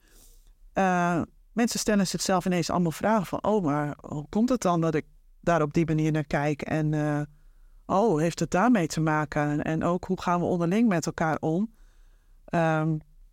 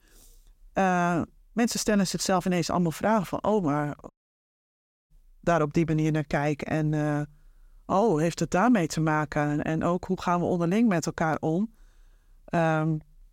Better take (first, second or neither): first